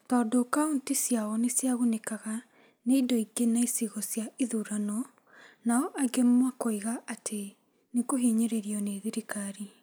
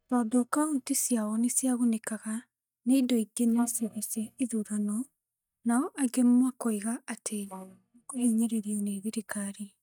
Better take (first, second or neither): first